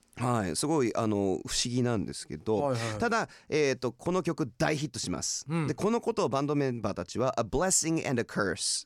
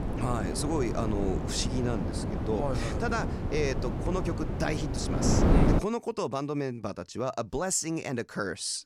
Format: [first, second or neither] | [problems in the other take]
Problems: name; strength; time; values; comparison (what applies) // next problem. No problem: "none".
first | wind noise on the microphone; heavy; until 6 s; 3 dB below the speech